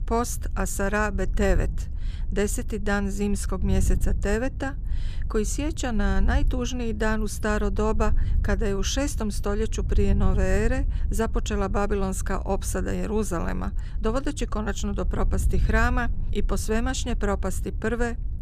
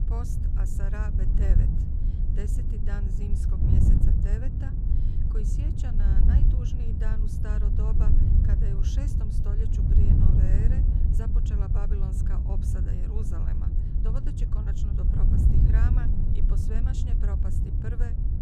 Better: first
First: wind noise on the microphone; occasional gusts; 20 dB below the speech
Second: wind noise on the microphone; heavy; 3 dB above the speech

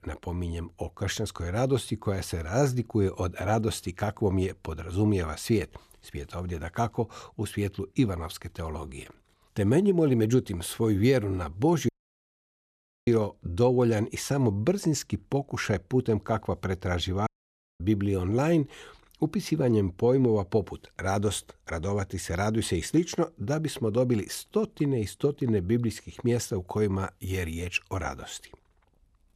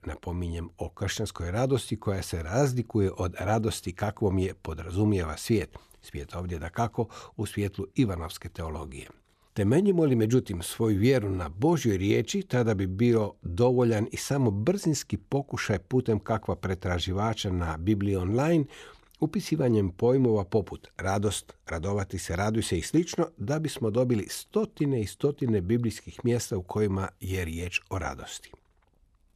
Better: second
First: audio cutting out; at 12 s for 1 s and at 17 s for 0.5 s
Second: none

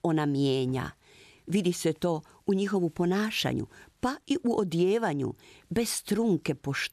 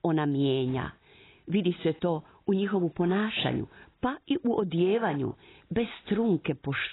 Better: first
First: none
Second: garbled, watery; badly; nothing above 4 kHz

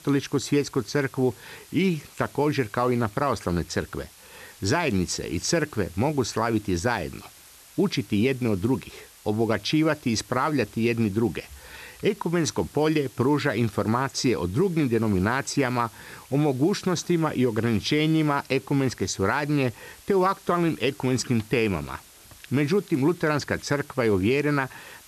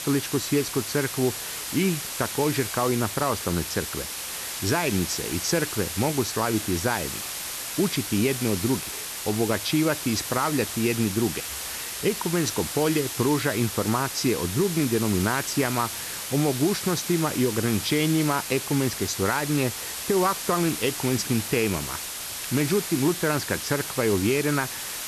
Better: first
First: hiss; faint; throughout; 25 dB below the speech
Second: hiss; loud; throughout; 5 dB below the speech

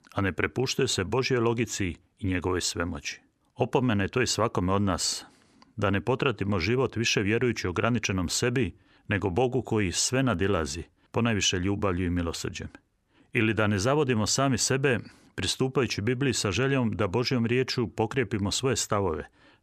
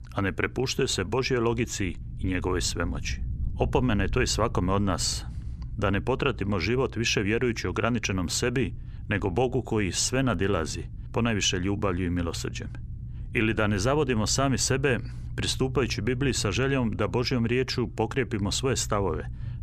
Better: first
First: none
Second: low rumble; faint; throughout; 25 dB below the speech

